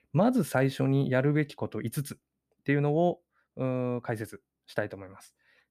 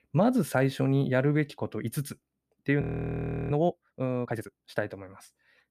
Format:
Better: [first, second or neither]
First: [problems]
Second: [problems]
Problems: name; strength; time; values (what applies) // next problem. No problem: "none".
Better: first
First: none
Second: audio freezing; at 3 s for 0.5 s